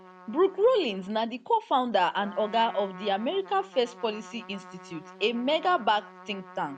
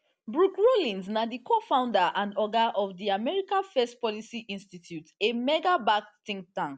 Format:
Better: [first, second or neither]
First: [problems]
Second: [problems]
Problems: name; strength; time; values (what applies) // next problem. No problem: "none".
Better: second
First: background sound (Trumpet); 19 dB below the speech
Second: none